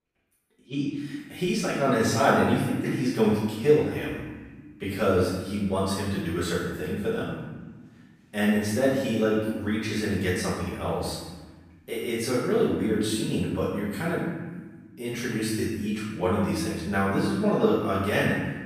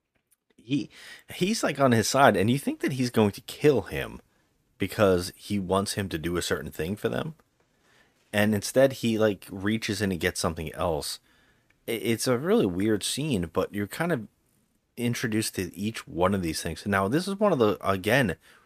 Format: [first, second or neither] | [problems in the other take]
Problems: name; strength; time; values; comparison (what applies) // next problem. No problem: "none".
second | off-mic speech; far // room echo; strong; dies away in 1.3 s